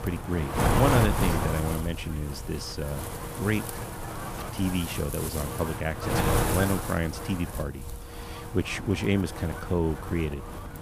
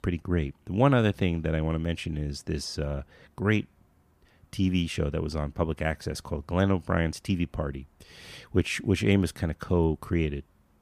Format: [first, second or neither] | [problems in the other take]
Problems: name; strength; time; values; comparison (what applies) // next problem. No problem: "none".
second | wind noise on the microphone; heavy; as loud as the speech